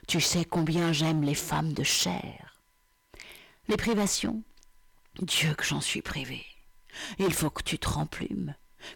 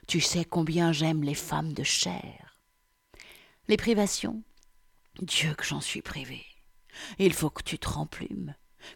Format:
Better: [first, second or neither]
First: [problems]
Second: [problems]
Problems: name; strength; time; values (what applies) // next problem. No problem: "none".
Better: second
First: distortion; heavy; 7% of the sound clipped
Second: none